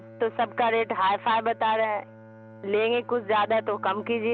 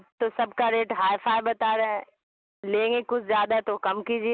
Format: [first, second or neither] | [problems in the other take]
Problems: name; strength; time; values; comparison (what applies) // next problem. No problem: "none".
second | background sound (Bowed string instrument); 19 dB below the speech